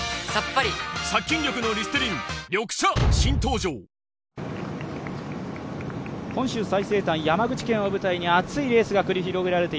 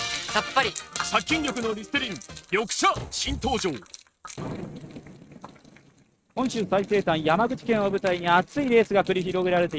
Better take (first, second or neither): first